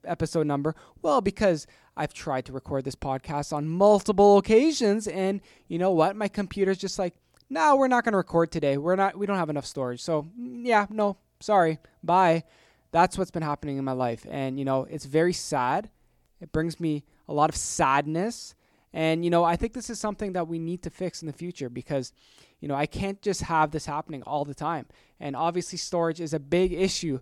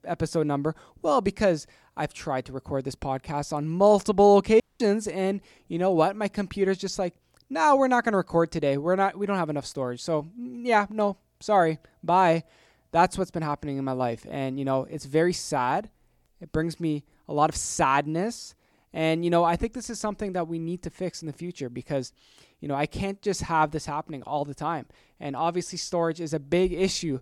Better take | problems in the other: first | audio cutting out; at 4.5 s

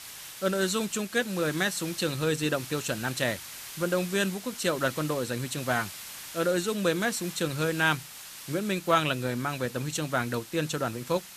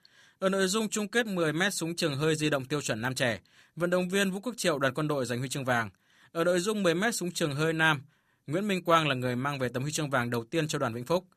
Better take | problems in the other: second | hiss; noticeable; throughout; 10 dB below the speech

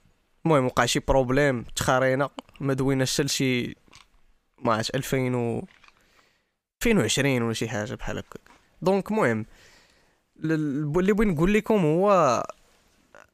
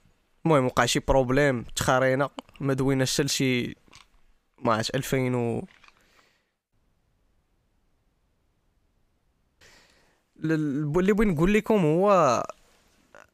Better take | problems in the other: first | audio cutting out; at 6.5 s for 3 s

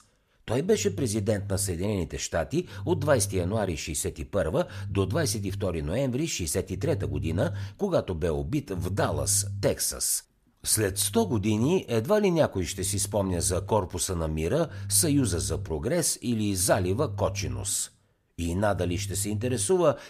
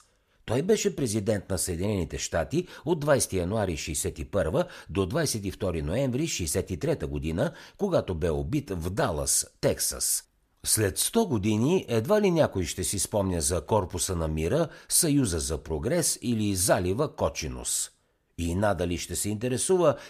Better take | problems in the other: second | low rumble; faint; throughout; 25 dB below the speech

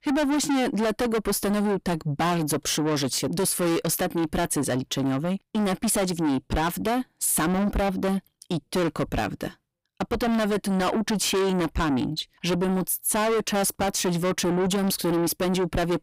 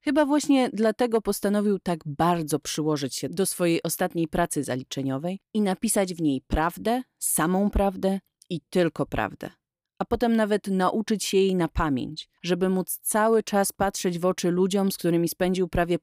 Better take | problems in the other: second | distortion; heavy; 6 dB below the speech

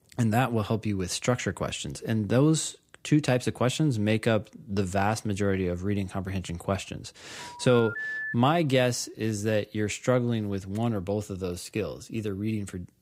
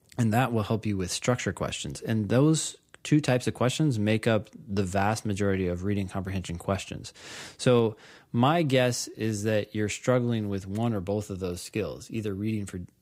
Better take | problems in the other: second | phone ringing; noticeable; at 7.5 s; peak 4 dB below the speech

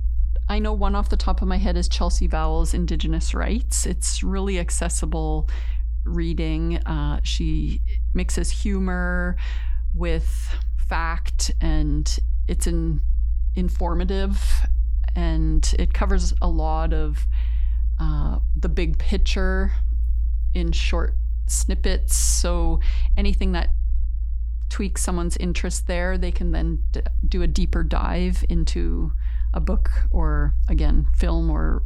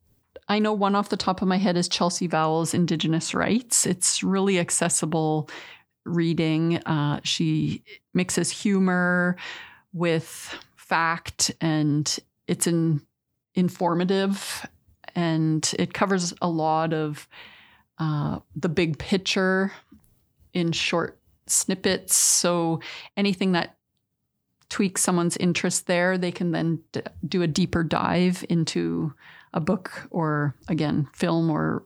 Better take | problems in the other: second | low rumble; noticeable; throughout; 20 dB below the speech

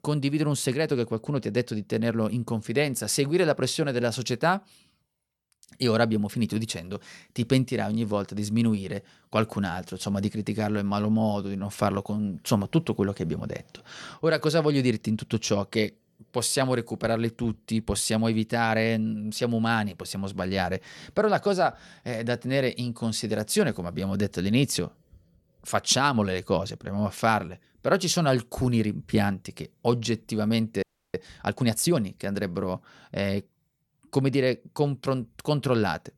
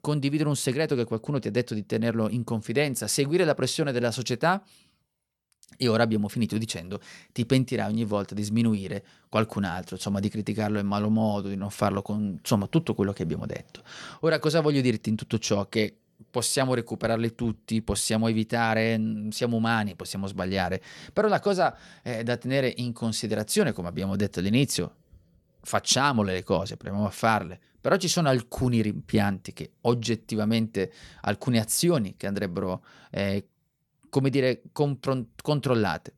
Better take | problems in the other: second | audio freezing; at 31 s

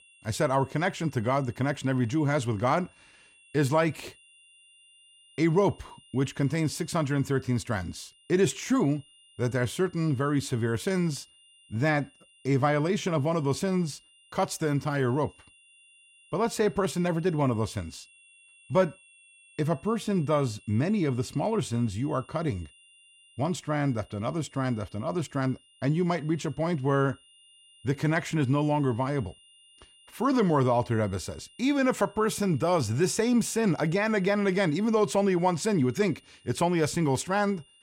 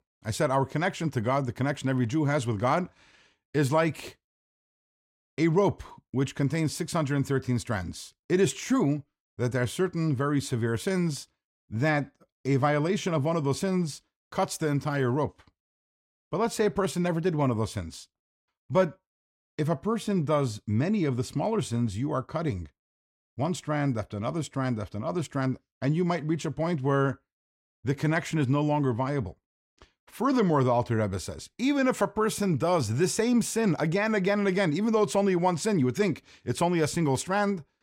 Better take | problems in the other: second | high-pitched whine; faint; throughout; 3 kHz, 30 dB below the speech

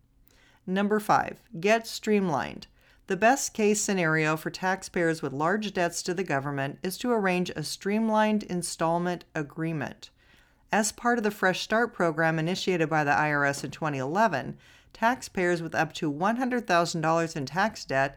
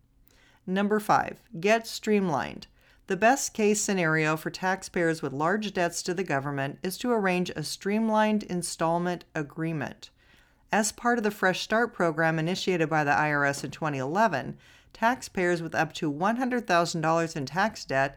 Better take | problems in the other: neither | none

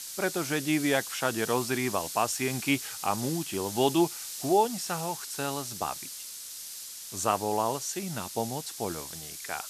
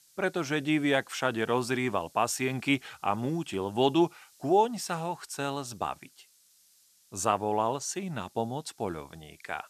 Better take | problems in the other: second | hiss; loud; throughout; 7 dB below the speech; faint in the second

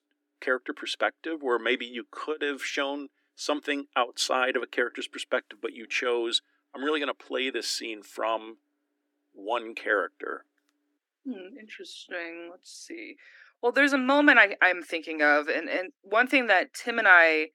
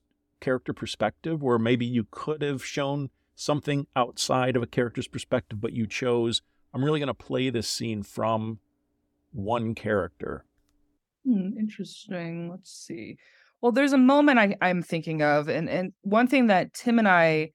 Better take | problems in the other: second | thin; somewhat; fading below 300 Hz

